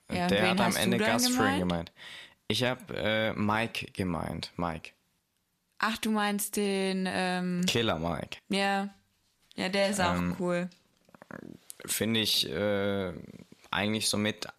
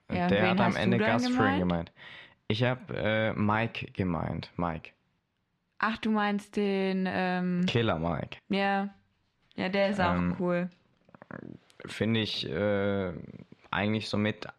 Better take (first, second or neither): first